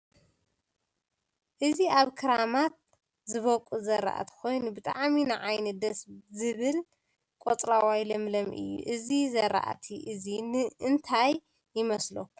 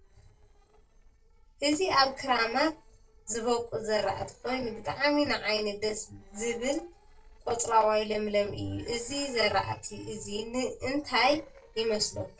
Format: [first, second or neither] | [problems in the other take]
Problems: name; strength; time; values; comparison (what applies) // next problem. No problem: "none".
first | noise reduction (neural separator model SepFormer DNS4)